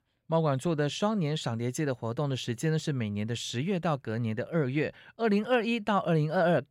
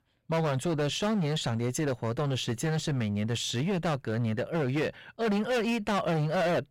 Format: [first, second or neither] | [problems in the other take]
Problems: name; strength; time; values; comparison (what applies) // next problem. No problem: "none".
first | distortion; heavy; 22% of the sound clipped